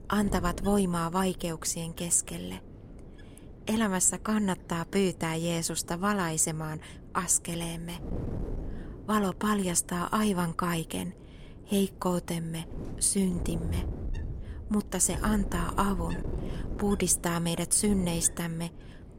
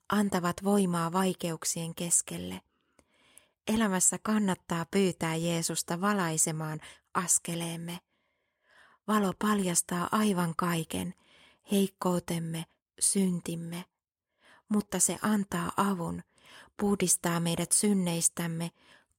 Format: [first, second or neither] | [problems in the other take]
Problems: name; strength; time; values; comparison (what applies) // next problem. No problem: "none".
second | wind noise on the microphone; occasional gusts; 20 dB below the speech